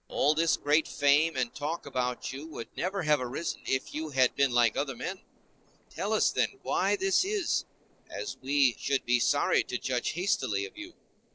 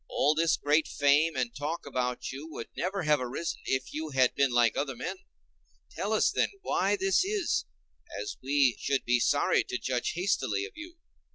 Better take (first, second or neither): second